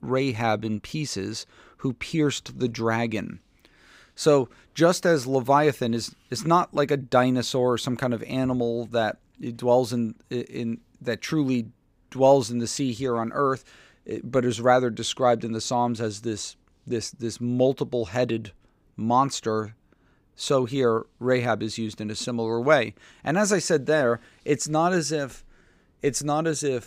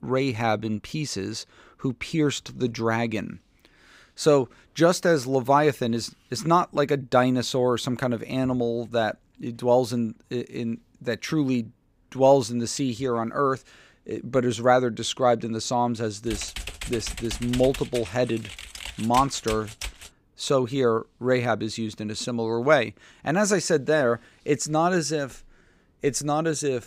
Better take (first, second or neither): first